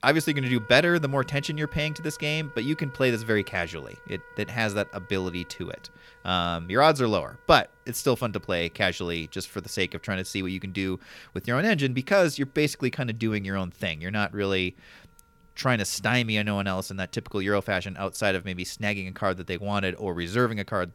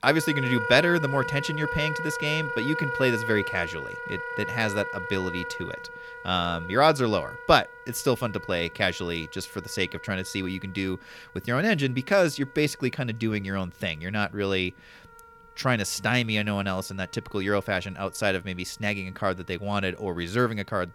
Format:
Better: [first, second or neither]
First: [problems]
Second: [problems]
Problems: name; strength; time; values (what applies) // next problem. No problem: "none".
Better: first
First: background music; faint; throughout; 20 dB below the speech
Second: background music; loud; throughout; 7 dB below the speech